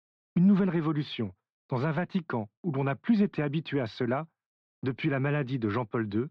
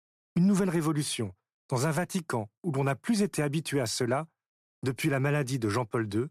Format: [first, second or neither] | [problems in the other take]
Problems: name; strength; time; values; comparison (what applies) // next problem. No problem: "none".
second | muffled; slightly; fading above 3.5 kHz